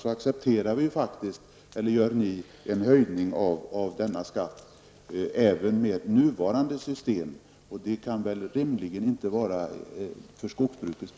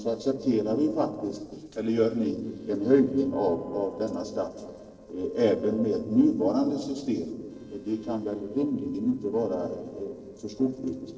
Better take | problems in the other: first | noise reduction (neural separator model SepFormer DNS4)

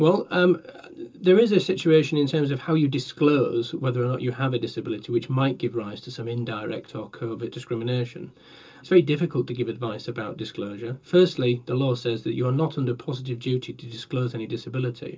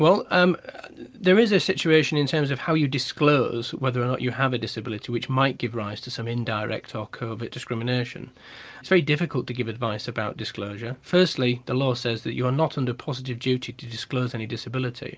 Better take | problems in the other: second | room echo; dies away in 0.2 s

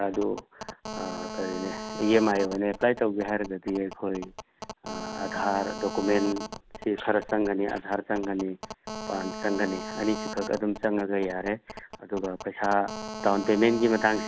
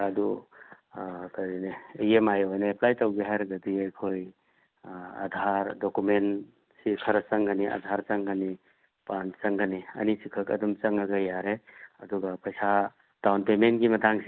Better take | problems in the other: second | background sound (Telephone); 11 dB below the speech

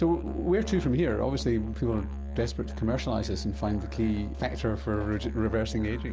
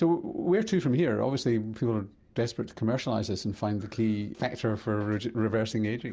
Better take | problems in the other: second | background sound (Musical instrument); 6 dB below the speech

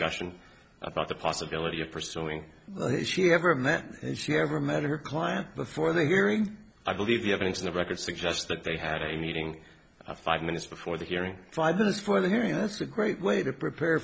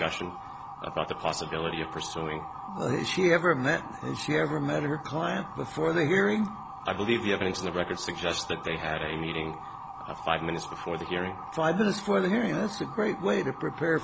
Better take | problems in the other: first | background sound (Motor vehicle (road) / Siren); 12 dB below the speech

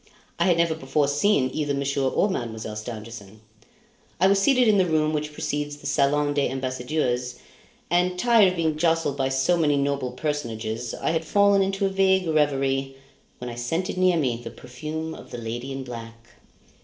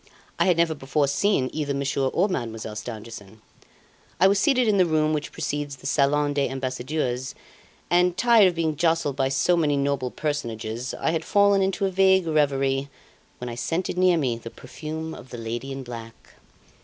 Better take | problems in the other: second | noise reduction (neural separator model SepFormer DNS4)

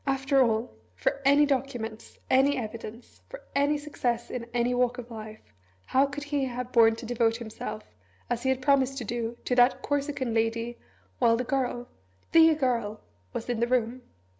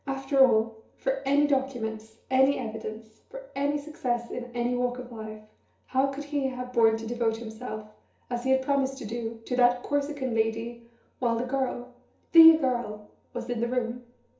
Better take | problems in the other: first | room echo; dies away in 0.7 s

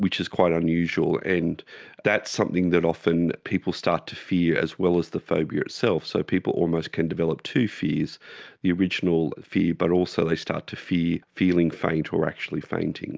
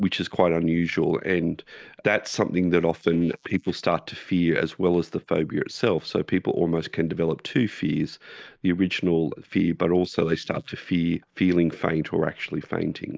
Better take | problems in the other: first | noise reduction (neural mask model Resemble Enhance denoiser)

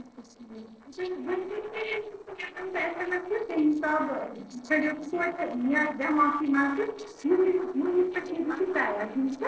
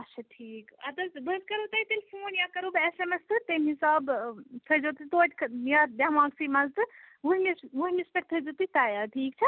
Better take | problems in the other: second | noise reduction (neural separator model SepFormer DNS4)

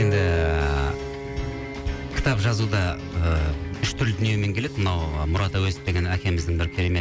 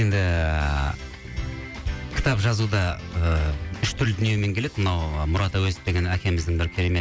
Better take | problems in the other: second | background sound (Piano); 10 dB below the speech

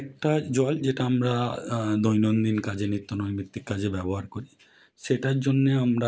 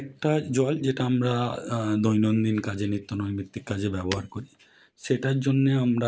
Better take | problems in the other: first | background sound (Shatter); 16 dB below the speech

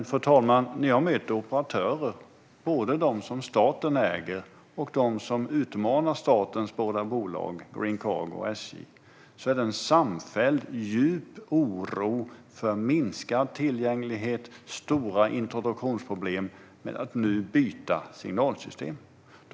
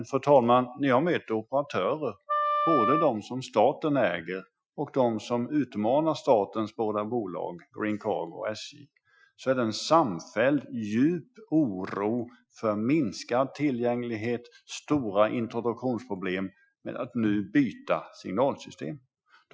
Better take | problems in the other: first | noise reduction (classical method Wiener filter)

